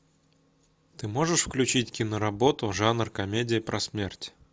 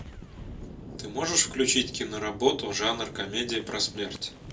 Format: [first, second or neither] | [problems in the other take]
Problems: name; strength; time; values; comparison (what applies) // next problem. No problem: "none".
first | background sound (Boom); 13 dB below the speech // room echo; dies away in 0.2 s